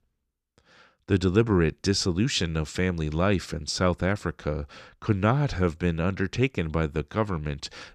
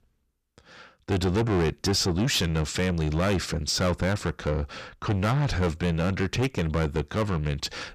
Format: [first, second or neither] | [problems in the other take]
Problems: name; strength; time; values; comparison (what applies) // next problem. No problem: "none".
first | distortion; heavy; 7 dB below the speech